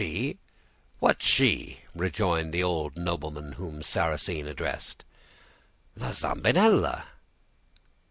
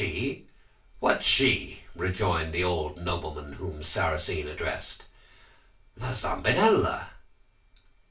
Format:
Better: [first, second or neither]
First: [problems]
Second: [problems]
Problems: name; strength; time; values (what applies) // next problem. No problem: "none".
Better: first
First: none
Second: room echo; dies away in 0.3 s